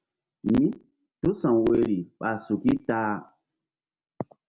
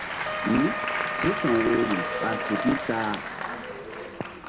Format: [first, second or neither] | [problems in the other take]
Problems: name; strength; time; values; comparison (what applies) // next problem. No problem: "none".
first | background sound (Applause / Crowd + Wind instrument, woodwind instrument); 2 dB below the speech